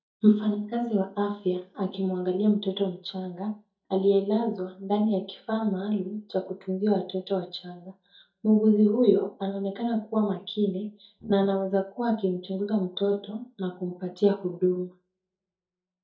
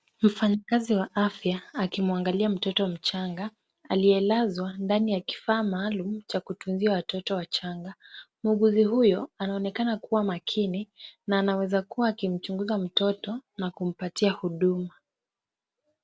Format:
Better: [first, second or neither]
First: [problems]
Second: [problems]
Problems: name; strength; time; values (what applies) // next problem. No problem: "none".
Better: second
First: noise reduction (neural mask model DeepFilterNet 3)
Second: none